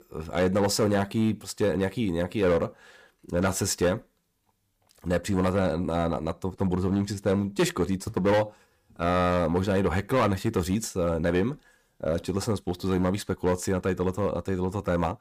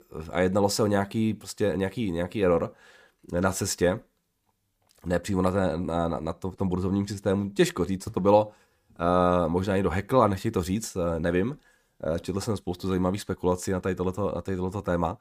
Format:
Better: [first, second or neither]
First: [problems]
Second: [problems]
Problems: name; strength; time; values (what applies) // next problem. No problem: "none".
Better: second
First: distortion; slight; 5% of the sound clipped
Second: none